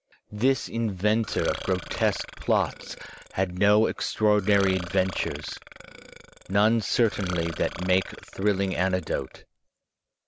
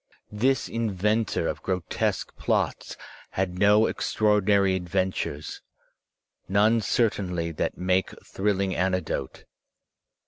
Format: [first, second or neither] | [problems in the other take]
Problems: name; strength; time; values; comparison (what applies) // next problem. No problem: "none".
second | background sound (Burping, eructation); 13 dB below the speech